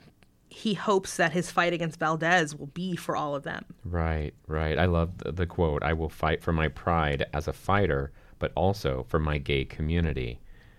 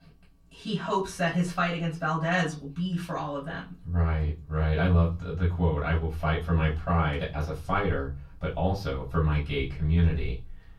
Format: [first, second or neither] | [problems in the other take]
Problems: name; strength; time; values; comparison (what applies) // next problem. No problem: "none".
first | off-mic speech; far // room echo; very slight; dies away in 0.3 s